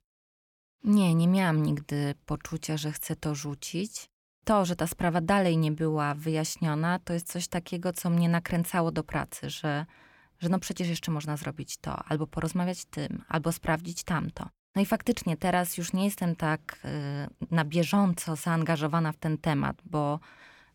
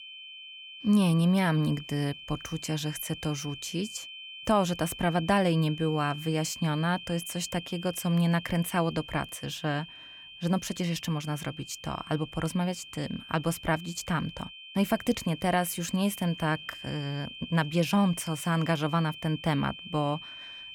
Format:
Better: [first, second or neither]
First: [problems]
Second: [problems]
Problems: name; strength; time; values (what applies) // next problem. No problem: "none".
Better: first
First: none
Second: high-pitched whine; noticeable; throughout; 3 kHz, 15 dB below the speech